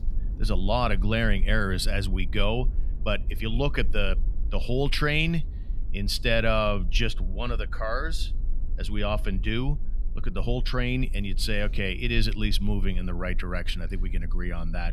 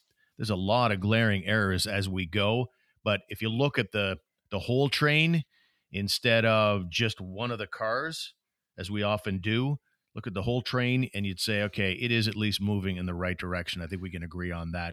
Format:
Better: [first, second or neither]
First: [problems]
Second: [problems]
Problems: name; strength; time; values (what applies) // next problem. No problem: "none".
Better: second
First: low rumble; faint; throughout; 25 dB below the speech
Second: none